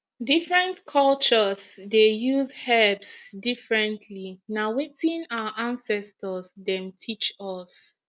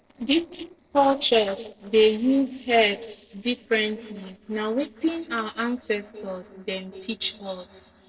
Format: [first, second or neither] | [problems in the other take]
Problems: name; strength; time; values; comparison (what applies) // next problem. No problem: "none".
first | noise reduction (neural separator model SepFormer DNS4)